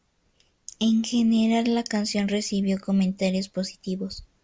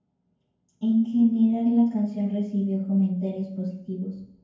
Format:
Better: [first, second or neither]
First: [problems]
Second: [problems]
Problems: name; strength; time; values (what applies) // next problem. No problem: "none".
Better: first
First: none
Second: room echo; dies away in 0.9 s